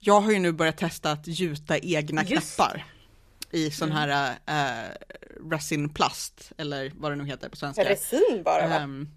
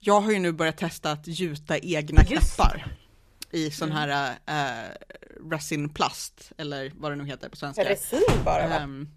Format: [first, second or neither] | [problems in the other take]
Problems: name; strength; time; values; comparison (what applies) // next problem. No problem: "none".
first | dog barking; loud; at 2 s; peak 6 dB above the speech // door banging; noticeable; at 8.5 s; peak level with the speech